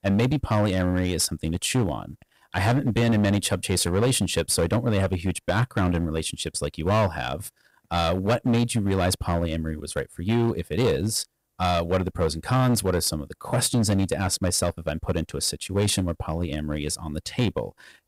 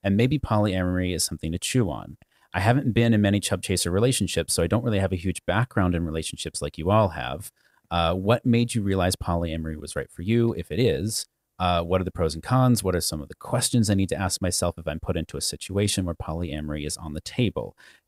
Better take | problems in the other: second | distortion; slight; 8% of the sound clipped

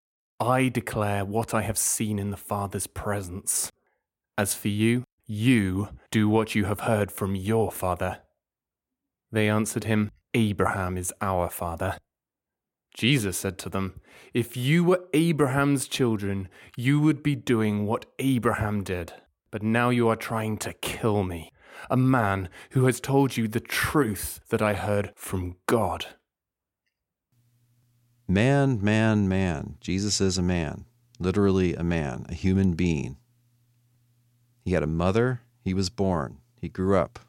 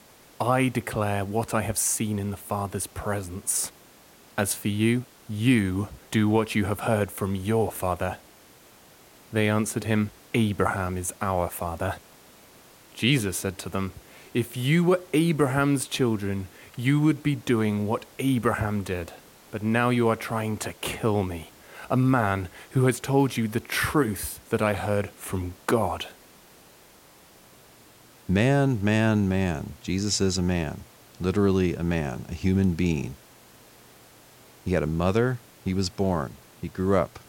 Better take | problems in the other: first | hiss; faint; throughout; 25 dB below the speech

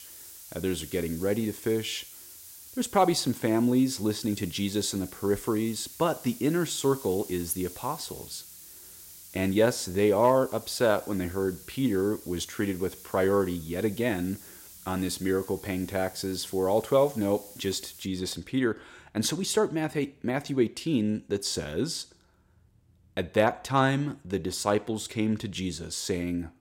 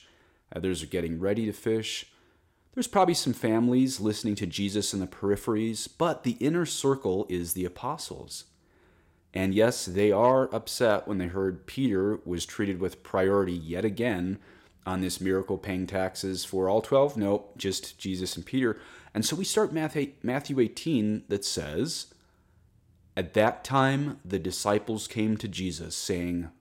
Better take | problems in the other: second | hiss; noticeable; until 18 s; 15 dB below the speech

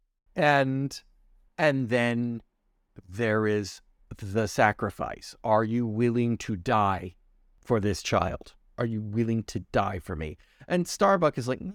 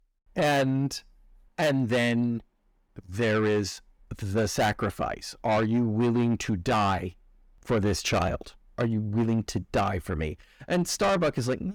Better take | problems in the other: first | distortion; heavy; 7 dB below the speech

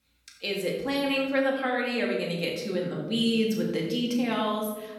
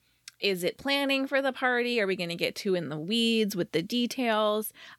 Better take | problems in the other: second | off-mic speech; far // room echo; noticeable; dies away in 1.1 s

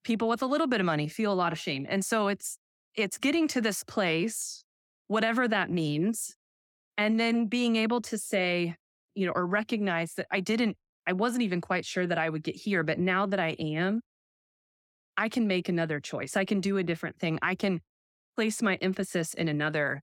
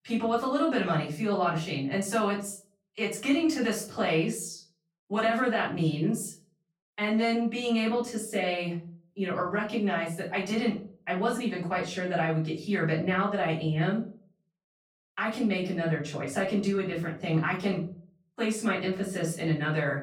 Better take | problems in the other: first | off-mic speech; far // room echo; slight; dies away in 0.4 s

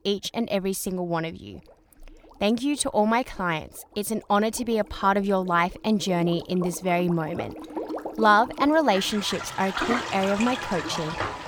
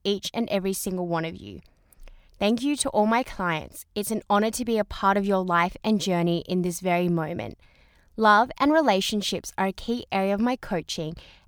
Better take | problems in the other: second | household noises; loud; throughout; 9 dB below the speech

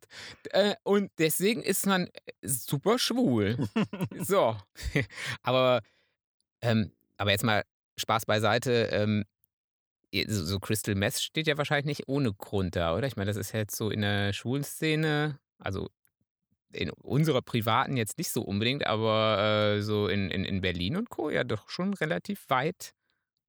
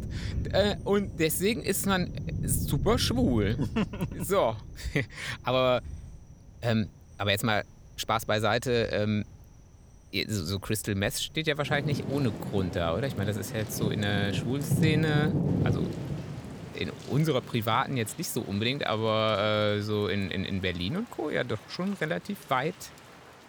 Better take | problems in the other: first | rain or running water; loud; throughout; 5 dB below the speech

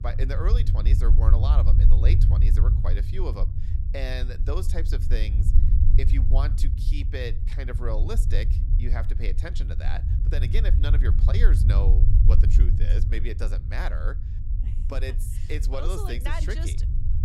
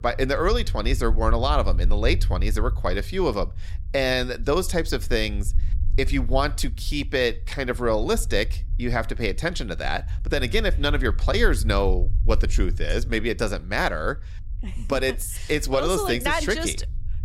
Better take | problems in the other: second | low rumble; loud; throughout; 5 dB below the speech; faint in the second

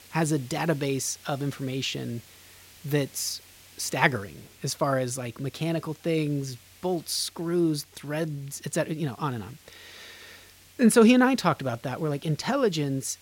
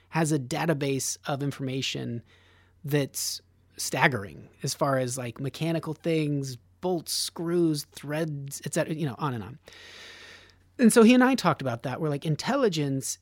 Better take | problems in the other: second | hiss; faint; throughout; 25 dB below the speech

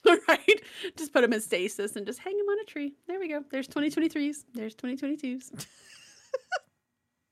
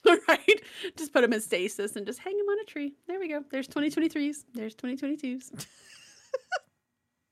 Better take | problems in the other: neither | none

